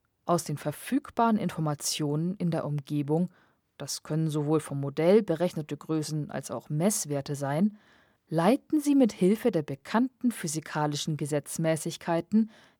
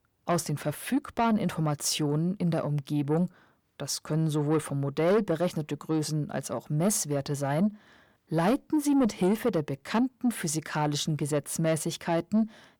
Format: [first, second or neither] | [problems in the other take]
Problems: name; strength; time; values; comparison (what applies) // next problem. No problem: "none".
first | distortion; slight; 10 dB below the speech